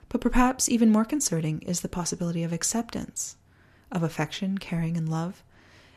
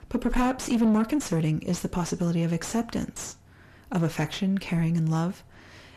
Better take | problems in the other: first | distortion; heavy; 6 dB below the speech

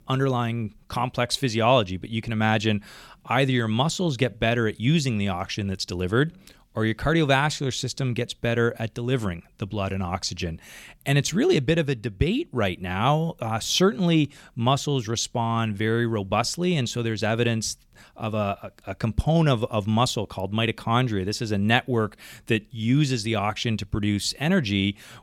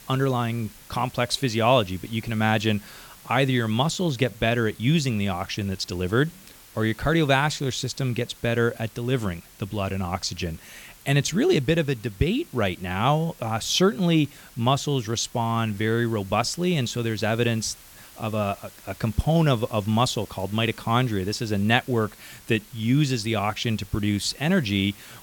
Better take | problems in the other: first | hiss; faint; throughout; 20 dB below the speech

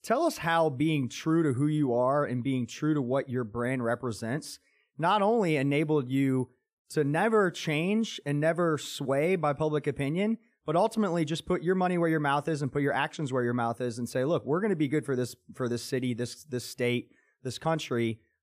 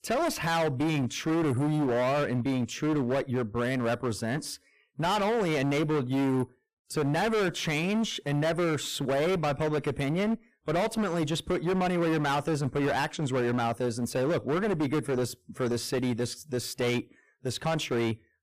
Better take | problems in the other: first | distortion; heavy; 26% of the sound clipped

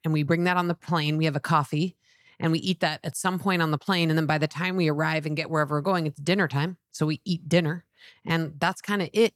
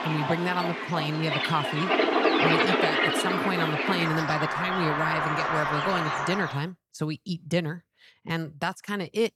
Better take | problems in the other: first | animal sounds; very loud; until 6.5 s; 4 dB above the speech

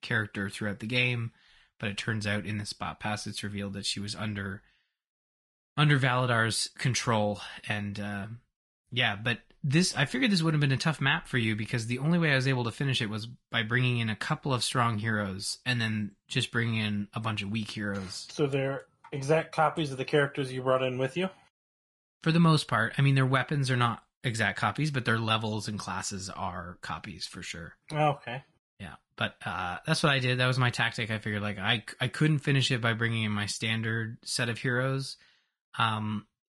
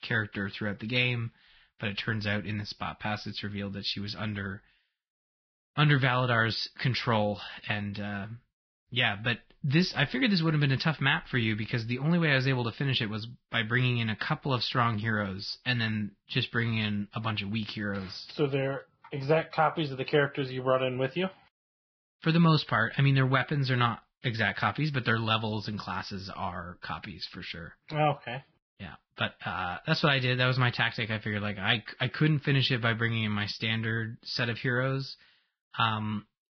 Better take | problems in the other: first | garbled, watery; badly; nothing above 5 kHz; slightly in the first

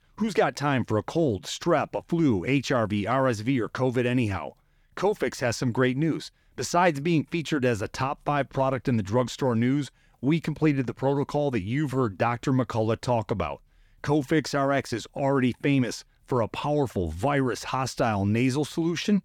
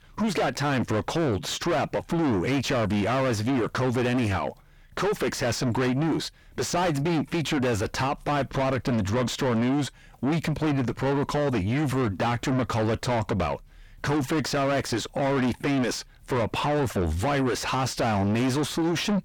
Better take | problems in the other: first | distortion; heavy; 5 dB below the speech

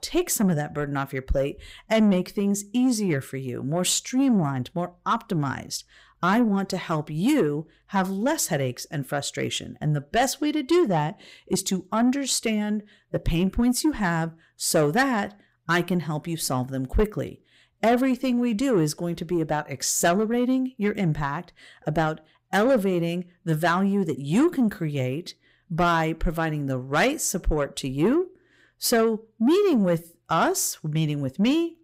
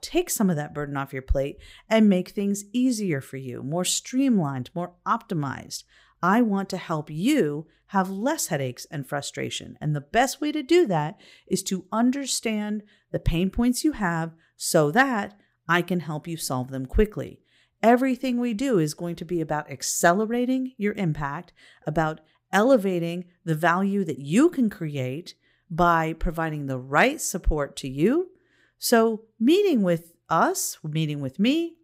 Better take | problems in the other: second | distortion; slight; 10 dB below the speech

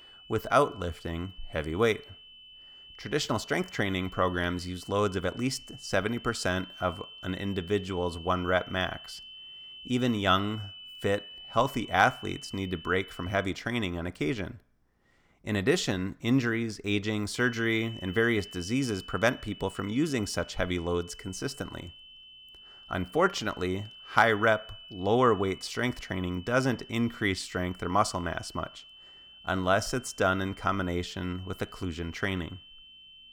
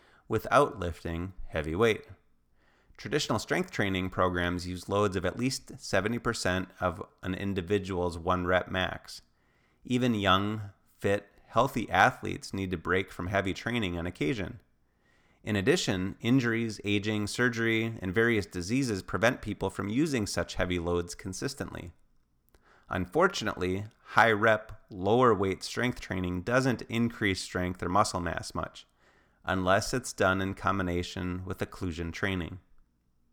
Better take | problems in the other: second | high-pitched whine; noticeable; until 13 s and from 17 s on; 3 kHz, 15 dB below the speech

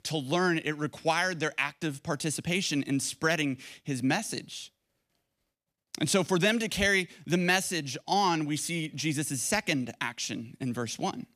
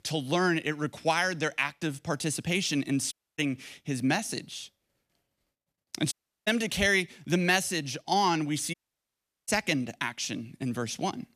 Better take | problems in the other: first | audio cutting out; at 3 s, at 6 s and at 8.5 s for 0.5 s

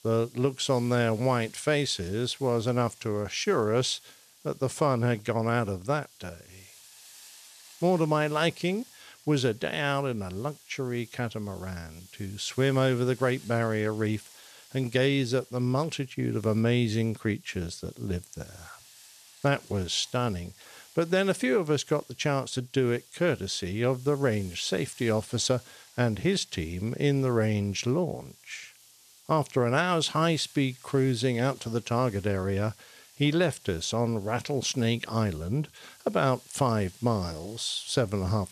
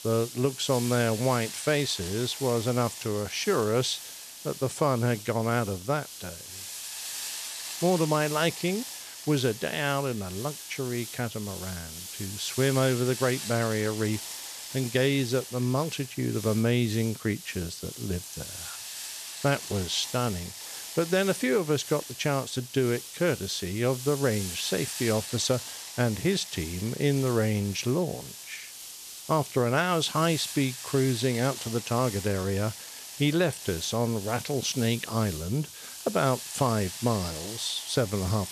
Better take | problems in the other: first | hiss; loud; throughout; 9 dB below the speech; faint in the first

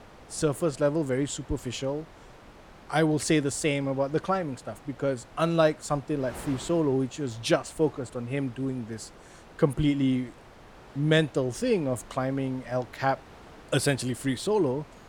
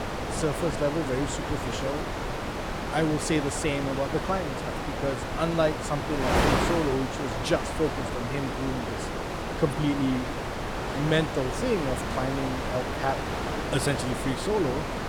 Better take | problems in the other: first | wind noise on the microphone; heavy; as loud as the speech; occasional gusts in the first

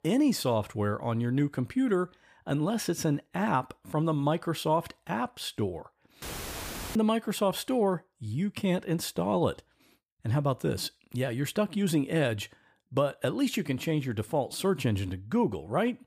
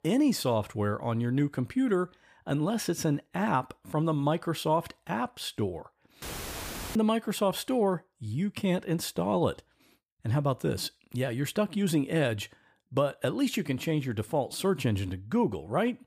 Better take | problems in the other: neither | audio cutting out; filled with static; at 6 s for 0.5 s; the same in both

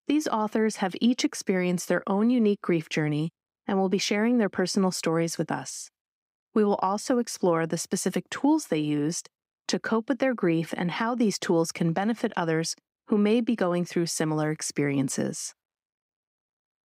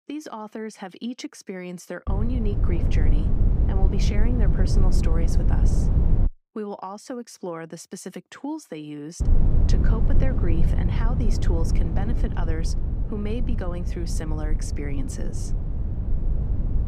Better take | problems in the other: first | low rumble; loud; from 2 to 6.5 s and from 9 s on; 2 dB below the speech

